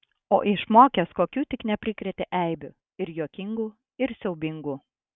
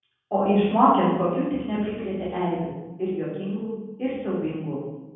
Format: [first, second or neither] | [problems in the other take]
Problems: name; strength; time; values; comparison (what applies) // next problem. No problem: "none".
first | room echo; dies away in 1.3 s